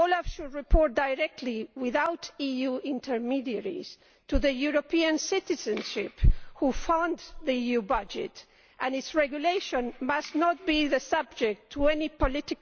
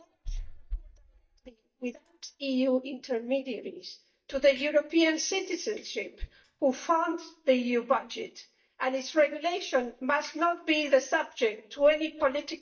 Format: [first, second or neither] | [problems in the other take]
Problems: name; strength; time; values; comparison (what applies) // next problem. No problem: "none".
first | noise reduction (neural mask model DeepFilterNet 3)